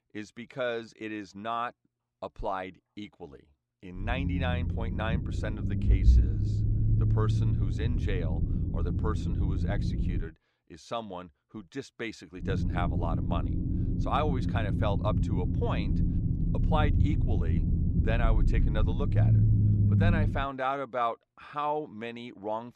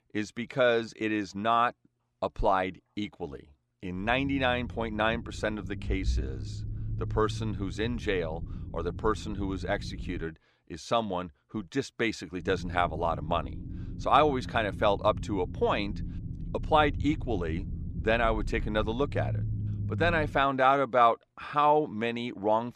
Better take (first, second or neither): second